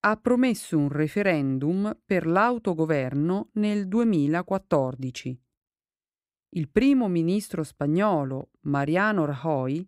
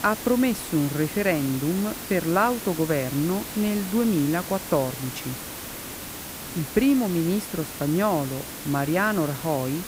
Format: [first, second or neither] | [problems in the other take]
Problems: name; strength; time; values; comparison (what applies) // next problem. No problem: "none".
first | hiss; loud; throughout; 9 dB below the speech